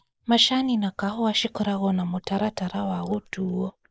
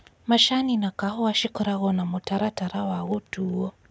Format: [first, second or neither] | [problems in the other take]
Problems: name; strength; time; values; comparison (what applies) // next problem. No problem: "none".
second | noise reduction (neural mask model Resemble Enhance denoiser)